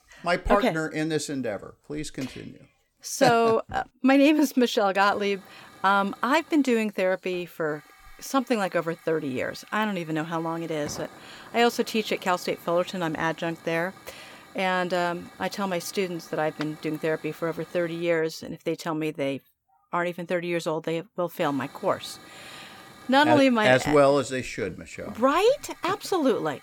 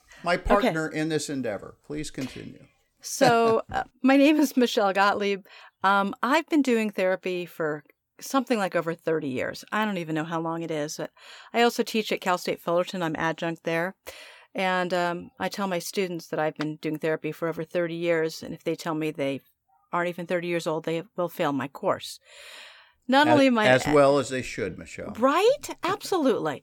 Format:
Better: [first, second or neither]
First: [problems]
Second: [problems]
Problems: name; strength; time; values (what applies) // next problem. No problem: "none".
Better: second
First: hiss; faint; from 5 to 18 s and from 21 s on; 25 dB below the speech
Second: none